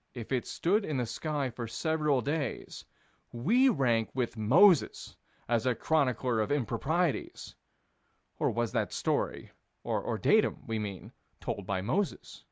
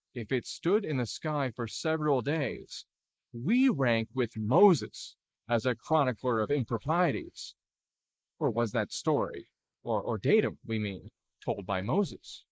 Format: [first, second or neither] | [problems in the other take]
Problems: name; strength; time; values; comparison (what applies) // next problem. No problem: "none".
first | noise reduction (neural mask model Resemble Enhance denoiser)